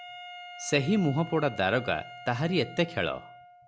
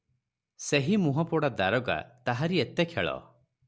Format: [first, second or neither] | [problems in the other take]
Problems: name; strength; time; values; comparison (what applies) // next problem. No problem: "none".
second | background sound (Wind instrument, woodwind instrument); 16 dB below the speech